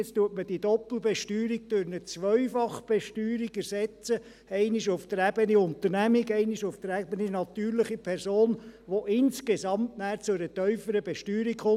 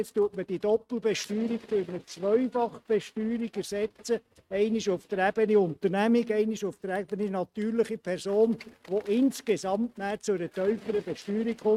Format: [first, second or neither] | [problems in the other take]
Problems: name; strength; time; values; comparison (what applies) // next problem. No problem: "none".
first | noise reduction (neural mask model RNNoise)